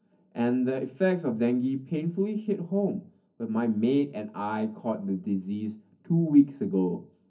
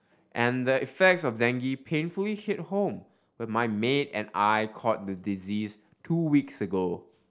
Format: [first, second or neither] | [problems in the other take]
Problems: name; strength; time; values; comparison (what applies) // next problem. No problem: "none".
second | room echo; dies away in 0.4 s